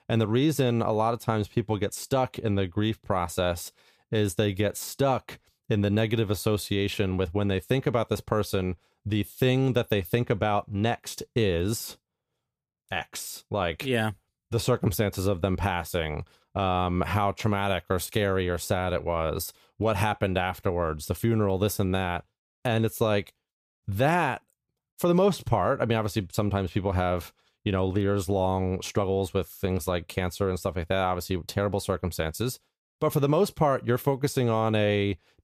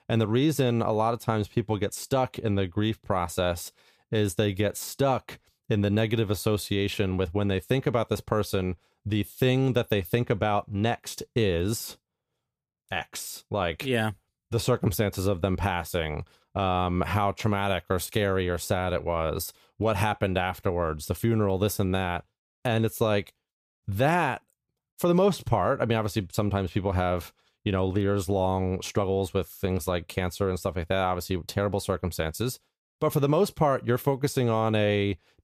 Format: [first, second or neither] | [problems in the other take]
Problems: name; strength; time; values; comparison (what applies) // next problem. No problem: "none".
neither | none